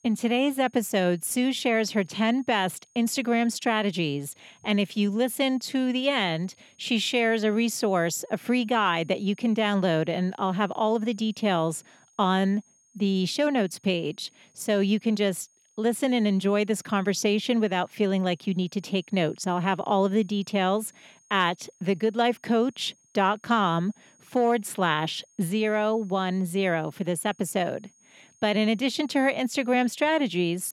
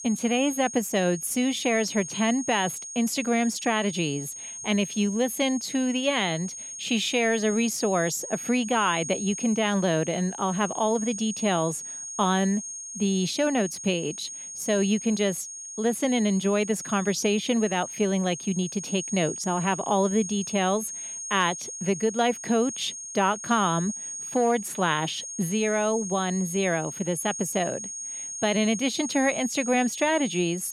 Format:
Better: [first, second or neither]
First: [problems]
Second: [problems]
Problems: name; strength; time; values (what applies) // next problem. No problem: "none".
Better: first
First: high-pitched whine; faint; throughout; 6.5 kHz, 35 dB below the speech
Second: high-pitched whine; loud; throughout; 6.5 kHz, 8 dB below the speech